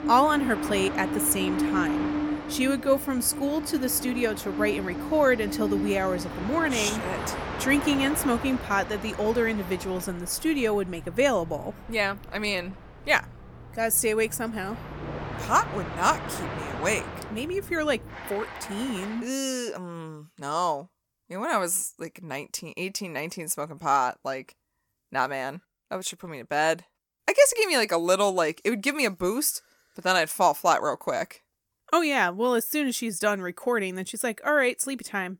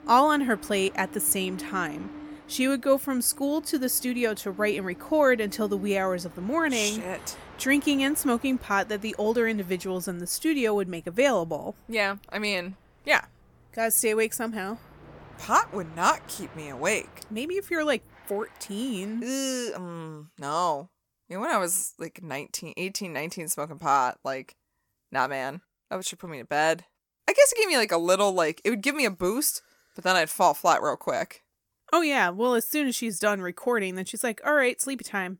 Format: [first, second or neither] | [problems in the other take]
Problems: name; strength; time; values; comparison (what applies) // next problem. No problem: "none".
second | train or aircraft noise; loud; until 19 s; 7 dB below the speech; faint in the second